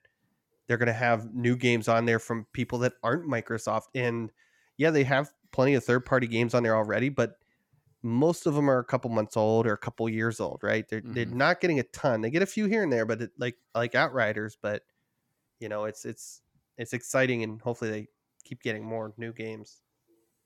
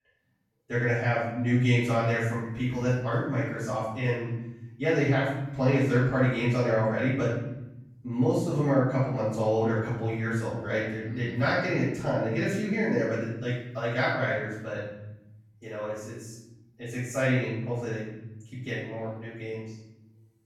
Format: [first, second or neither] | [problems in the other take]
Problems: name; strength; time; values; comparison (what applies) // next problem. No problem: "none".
first | room echo; noticeable; dies away in 1.2 s // off-mic speech; far